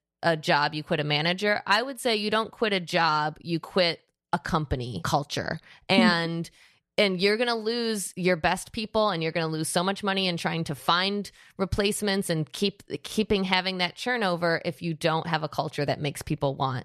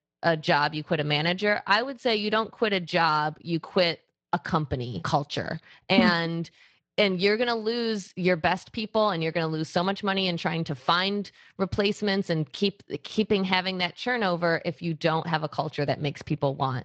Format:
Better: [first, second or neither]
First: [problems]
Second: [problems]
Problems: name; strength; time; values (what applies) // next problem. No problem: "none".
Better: first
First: none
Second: garbled, watery; slightly; nothing above 7.5 kHz